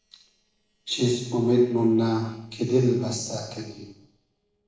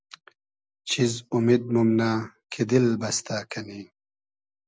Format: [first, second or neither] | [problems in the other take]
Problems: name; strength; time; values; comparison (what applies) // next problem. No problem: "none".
second | noise reduction (neural separator model SepFormer DNS4)